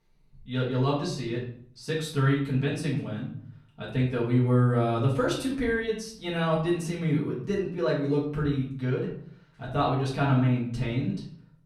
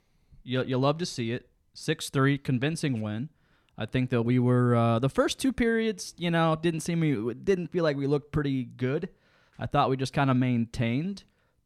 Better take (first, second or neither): second